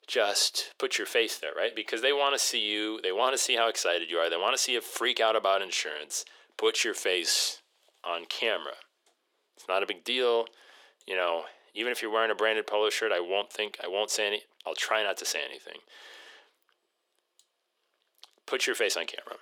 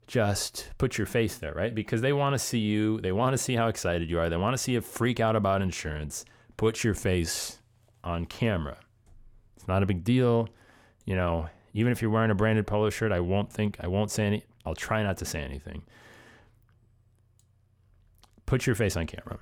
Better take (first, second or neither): second